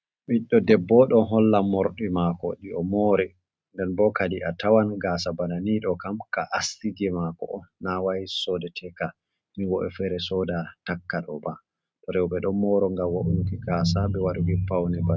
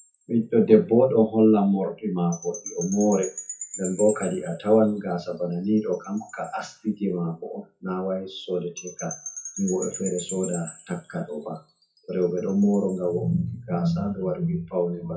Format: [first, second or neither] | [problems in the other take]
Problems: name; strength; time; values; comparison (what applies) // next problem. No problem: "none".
first | noise reduction (classical method WPE with log-MMSE)